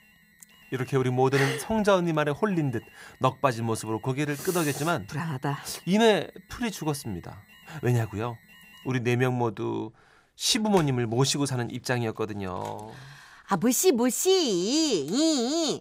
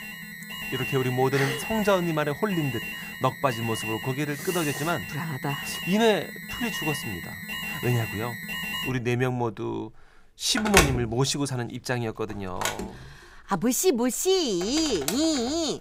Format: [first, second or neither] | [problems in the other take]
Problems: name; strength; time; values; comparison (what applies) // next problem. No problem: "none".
first | alarms or sirens; loud; throughout; 4 dB below the speech; faint in the first